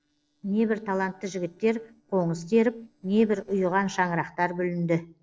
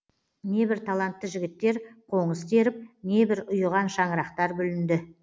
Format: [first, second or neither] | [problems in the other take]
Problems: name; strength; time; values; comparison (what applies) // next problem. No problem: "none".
second | noise reduction (neural separator model SepFormer DNS4)